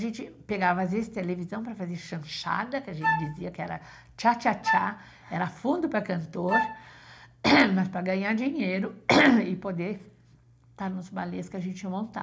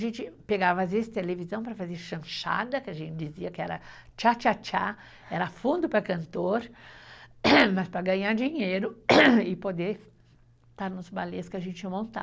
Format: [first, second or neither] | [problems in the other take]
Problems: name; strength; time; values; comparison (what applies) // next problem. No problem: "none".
second | background sound (Wind instrument, woodwind instrument); 2 dB below the speech // room echo; dies away in 0.4 s